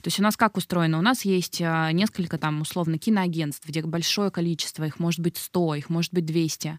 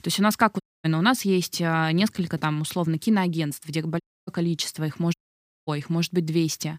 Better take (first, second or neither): first